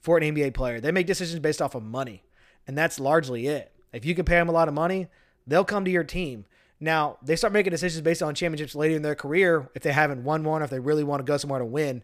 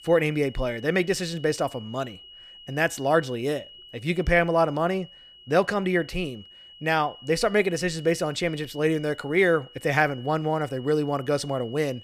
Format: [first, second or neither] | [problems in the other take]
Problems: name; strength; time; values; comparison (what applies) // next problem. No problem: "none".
first | high-pitched whine; noticeable; throughout; 3 kHz, 20 dB below the speech